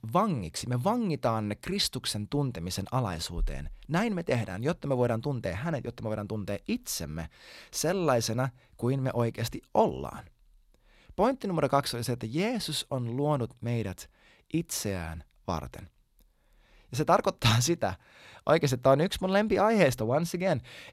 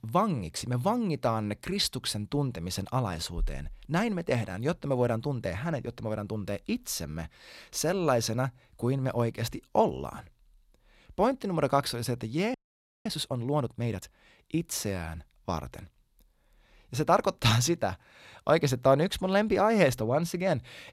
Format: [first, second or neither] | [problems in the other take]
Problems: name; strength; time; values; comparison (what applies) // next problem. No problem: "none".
first | audio freezing; at 13 s for 0.5 s